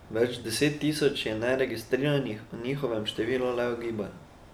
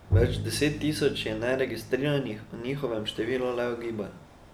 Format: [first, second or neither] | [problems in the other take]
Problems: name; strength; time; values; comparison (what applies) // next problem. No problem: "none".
first | background sound (Bowed string instrument); 4 dB below the speech